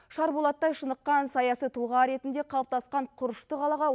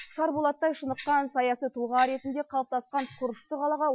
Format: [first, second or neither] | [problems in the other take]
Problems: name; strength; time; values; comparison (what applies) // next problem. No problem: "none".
first | noise reduction (classical method Wiener filter)